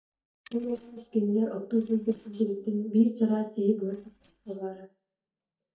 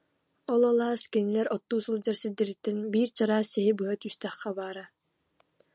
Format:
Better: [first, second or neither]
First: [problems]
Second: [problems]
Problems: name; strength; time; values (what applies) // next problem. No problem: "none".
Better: second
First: noise reduction (neural mask model DeepFilterNet 3)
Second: none